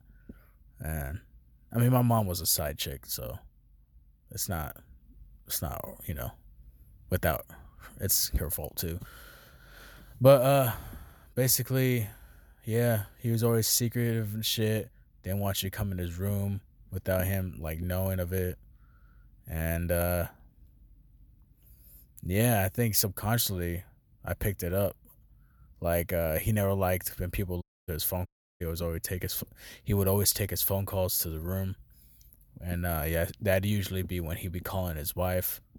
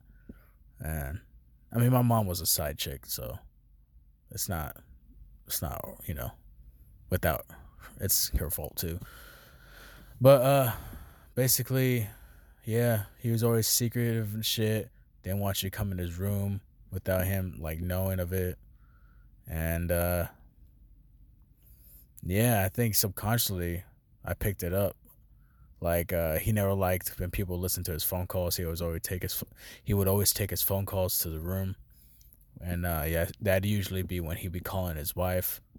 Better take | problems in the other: second | audio cutting out; at 28 s

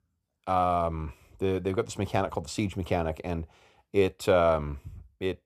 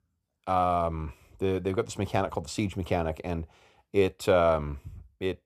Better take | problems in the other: neither | none

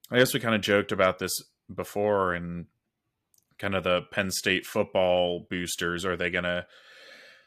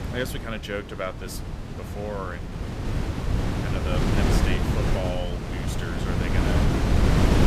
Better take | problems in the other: first | wind noise on the microphone; heavy; 2 dB above the speech

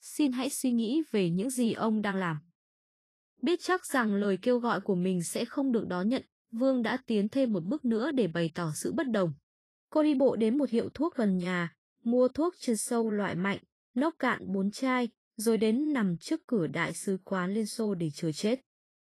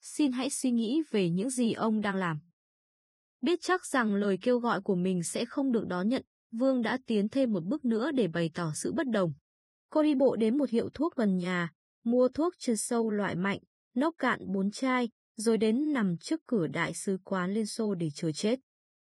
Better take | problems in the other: first | garbled, watery; badly; nothing above 10.5 kHz; slightly in the first

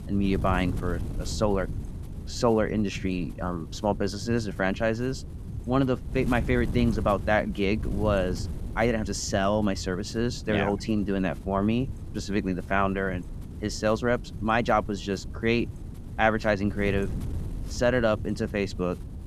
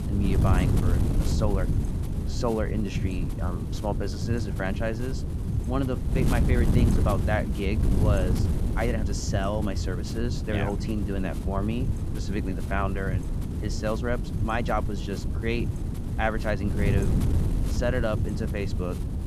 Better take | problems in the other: first | wind noise on the microphone; heavy; 6 dB below the speech; occasional gusts in the first

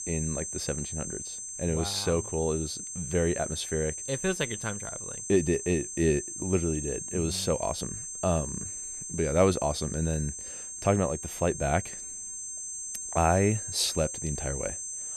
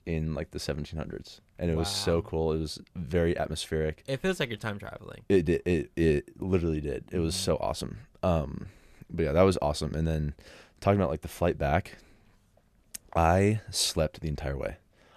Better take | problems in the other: second | high-pitched whine; loud; throughout; 6.5 kHz, 6 dB below the speech

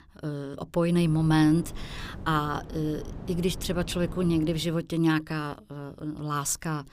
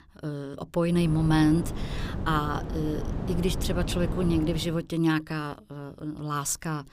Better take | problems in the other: first | wind noise on the microphone; heavy; from 1 to 4.5 s; 10 dB below the speech; occasional gusts in the first

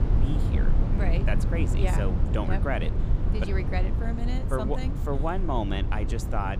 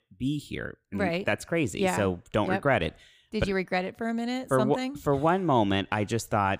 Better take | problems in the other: second | low rumble; loud; throughout; 6 dB below the speech

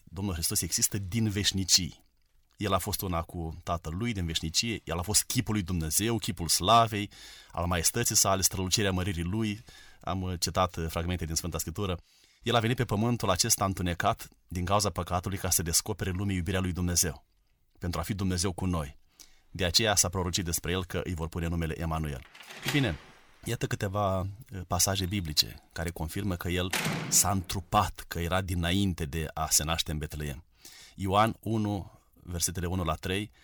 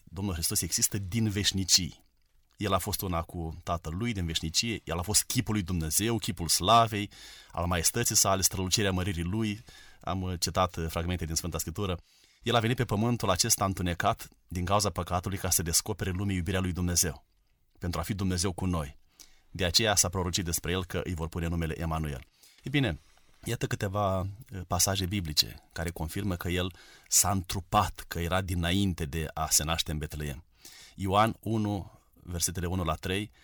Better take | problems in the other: second | door banging; noticeable; from 22 to 27 s; peak 1 dB below the speech

